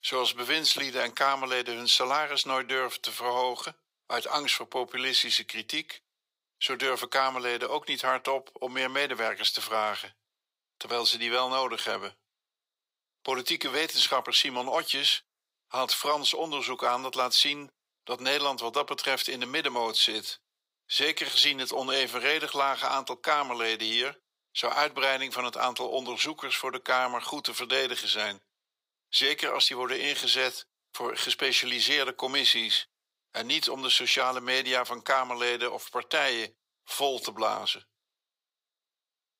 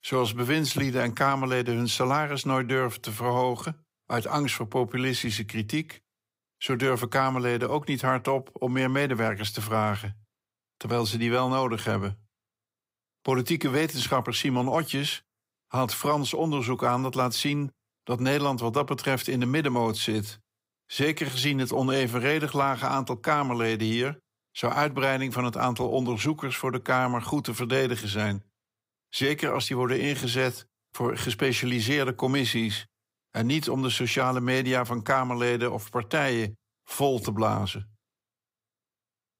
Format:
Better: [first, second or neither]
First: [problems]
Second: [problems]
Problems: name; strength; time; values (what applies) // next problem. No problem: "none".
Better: second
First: thin; very; fading below 550 Hz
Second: none